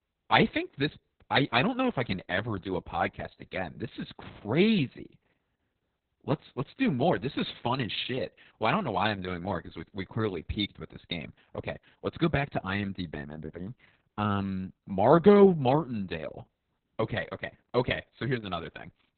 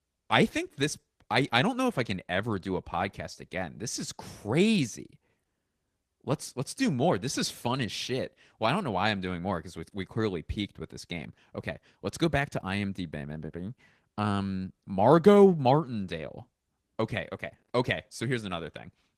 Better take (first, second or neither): second